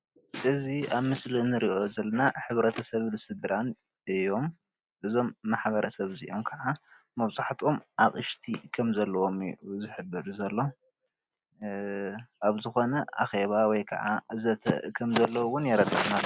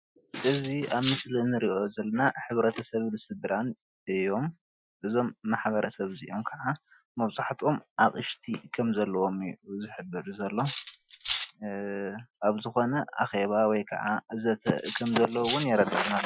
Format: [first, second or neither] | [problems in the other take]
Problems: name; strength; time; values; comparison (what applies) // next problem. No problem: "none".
first | noise reduction (classical method Wiener filter)